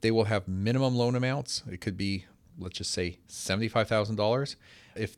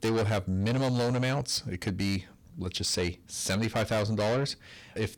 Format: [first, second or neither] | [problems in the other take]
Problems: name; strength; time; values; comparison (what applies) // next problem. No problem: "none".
first | distortion; heavy; 7 dB below the speech